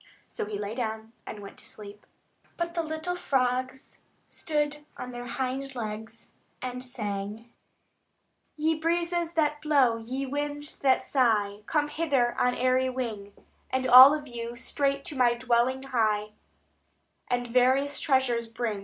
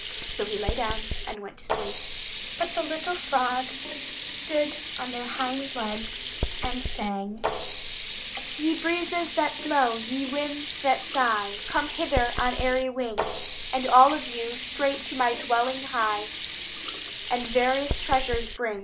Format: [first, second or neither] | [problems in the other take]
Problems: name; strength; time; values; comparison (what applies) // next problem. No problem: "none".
first | background sound (Sink (filling or washing)); 6 dB below the speech